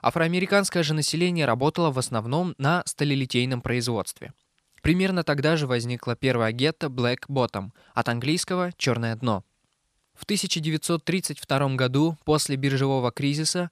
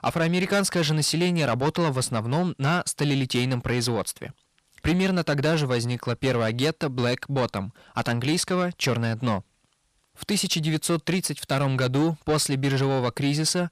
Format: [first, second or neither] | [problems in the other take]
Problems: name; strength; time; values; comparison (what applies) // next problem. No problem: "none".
first | distortion; slight; 10 dB below the speech